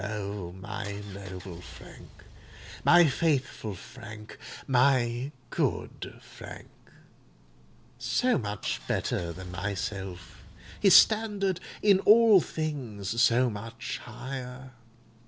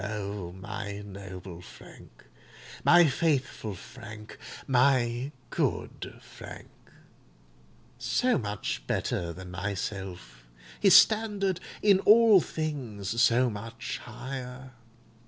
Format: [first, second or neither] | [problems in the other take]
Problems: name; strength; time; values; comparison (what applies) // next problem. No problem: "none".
second | background sound (Engine); 18 dB below the speech